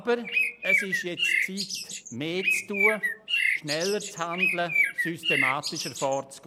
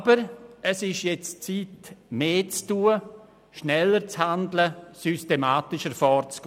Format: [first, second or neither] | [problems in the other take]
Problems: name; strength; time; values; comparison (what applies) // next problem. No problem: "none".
second | background sound (Bird); 4 dB above the speech